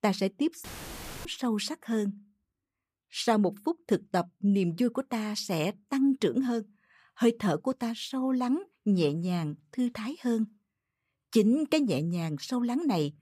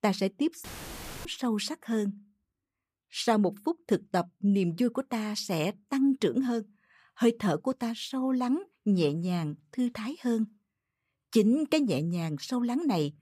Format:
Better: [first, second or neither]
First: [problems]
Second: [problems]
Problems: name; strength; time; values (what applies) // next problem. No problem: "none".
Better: neither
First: audio cutting out; filled with static; at 0.5 s for 0.5 s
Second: audio cutting out; filled with static; at 0.5 s for 0.5 s